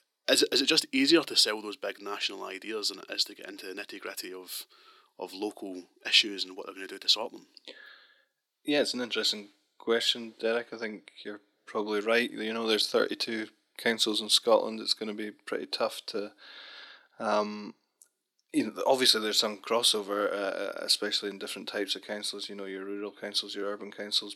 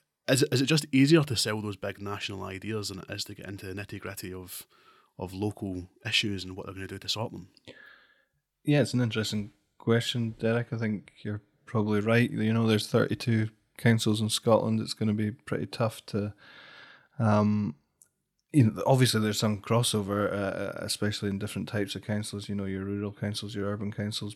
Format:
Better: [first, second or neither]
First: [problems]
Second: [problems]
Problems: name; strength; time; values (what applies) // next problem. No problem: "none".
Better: second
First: thin; somewhat; fading below 300 Hz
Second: none